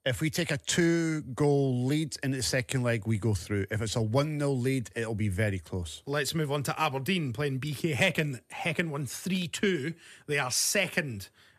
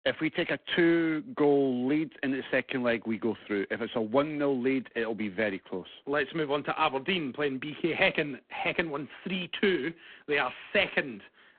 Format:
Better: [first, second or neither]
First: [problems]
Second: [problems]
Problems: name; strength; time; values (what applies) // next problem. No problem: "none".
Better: first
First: none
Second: phone-call audio; poor line